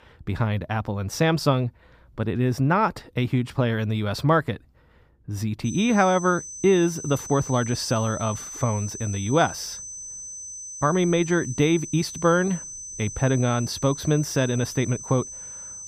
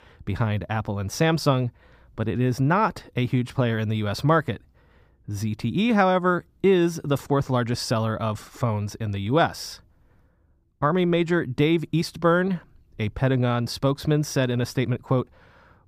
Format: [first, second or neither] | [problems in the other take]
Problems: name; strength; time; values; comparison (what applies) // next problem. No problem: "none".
second | high-pitched whine; noticeable; from 5.5 s on; 6 kHz, 10 dB below the speech